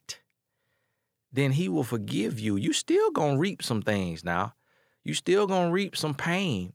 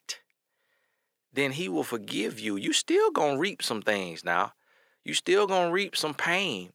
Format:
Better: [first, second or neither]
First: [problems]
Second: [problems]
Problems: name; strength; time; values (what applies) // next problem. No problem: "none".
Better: first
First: none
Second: thin; somewhat; fading below 350 Hz